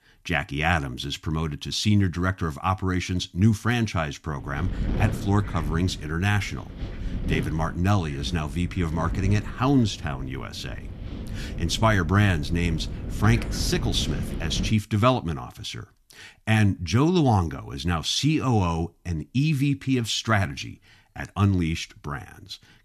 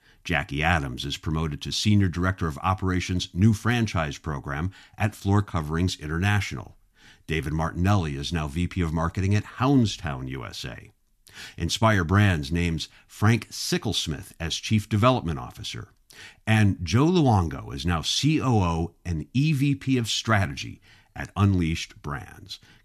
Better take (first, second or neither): second